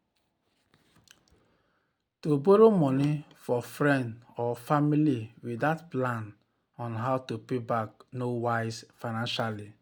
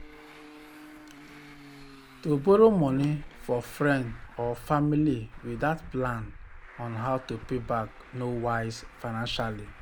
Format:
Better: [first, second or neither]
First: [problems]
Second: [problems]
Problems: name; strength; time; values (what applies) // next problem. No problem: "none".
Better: first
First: none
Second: background sound (Traffic noise, roadway noise); 17 dB below the speech